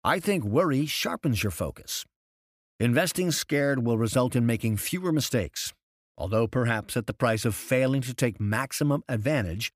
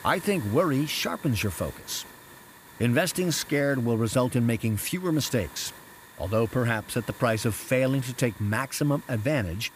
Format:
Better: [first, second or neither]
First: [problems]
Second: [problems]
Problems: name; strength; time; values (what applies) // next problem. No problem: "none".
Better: first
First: none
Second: hiss; noticeable; throughout; 20 dB below the speech